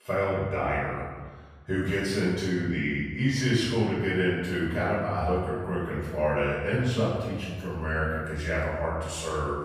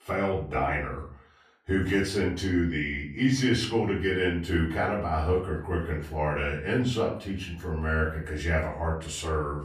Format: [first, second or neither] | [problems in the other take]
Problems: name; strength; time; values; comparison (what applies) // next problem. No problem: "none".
second | room echo; strong; dies away in 1.2 s; slight in the second // off-mic speech; far; far in the second